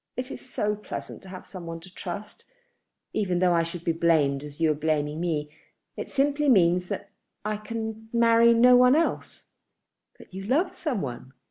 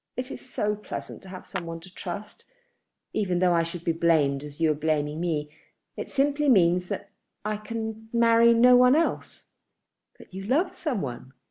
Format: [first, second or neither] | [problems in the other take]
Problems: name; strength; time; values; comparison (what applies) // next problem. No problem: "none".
first | background sound (Clapping); 17 dB below the speech